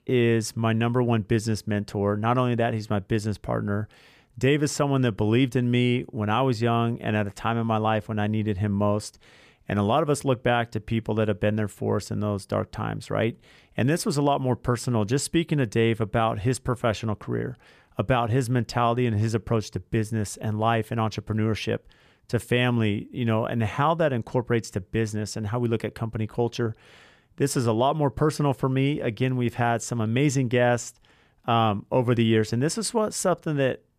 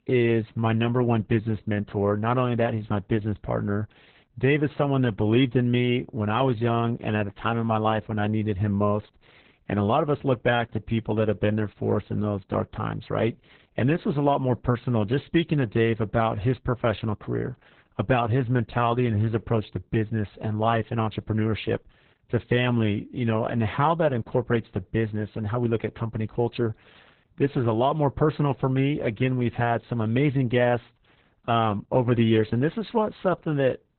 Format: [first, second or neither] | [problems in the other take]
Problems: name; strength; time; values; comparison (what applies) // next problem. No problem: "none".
first | garbled, watery; badly